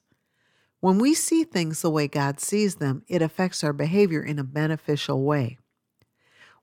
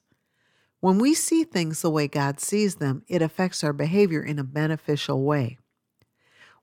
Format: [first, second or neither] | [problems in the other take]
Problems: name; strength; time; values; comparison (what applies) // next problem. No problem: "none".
neither | none